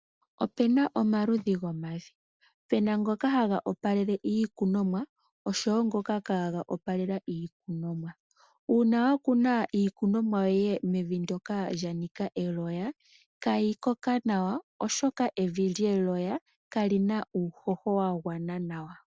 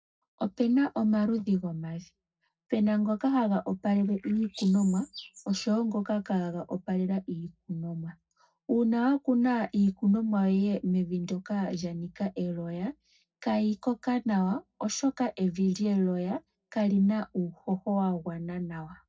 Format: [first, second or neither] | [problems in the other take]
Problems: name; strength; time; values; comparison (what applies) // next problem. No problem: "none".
first | noise reduction (neural separator model SepFormer DNS4)